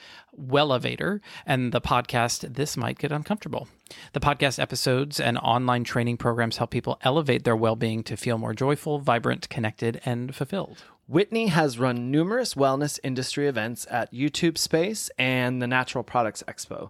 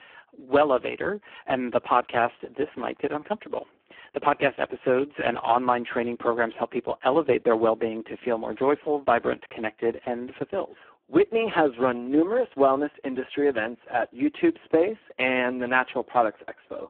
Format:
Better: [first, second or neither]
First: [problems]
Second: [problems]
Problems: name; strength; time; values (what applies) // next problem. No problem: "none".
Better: first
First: none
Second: phone-call audio; poor line